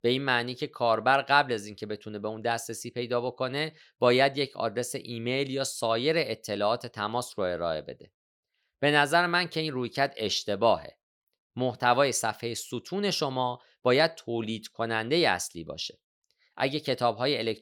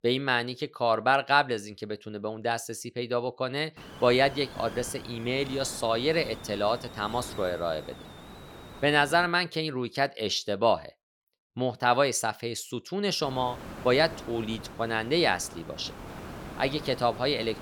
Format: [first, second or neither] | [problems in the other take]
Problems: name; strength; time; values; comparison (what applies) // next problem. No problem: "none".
first | hiss; noticeable; from 4 to 9.5 s and from 13 s on; 15 dB below the speech